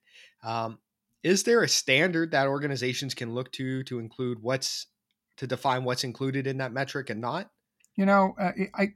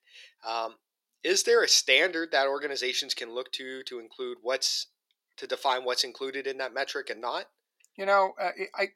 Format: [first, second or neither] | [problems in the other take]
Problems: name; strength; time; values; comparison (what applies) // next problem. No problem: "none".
first | thin; very; fading below 400 Hz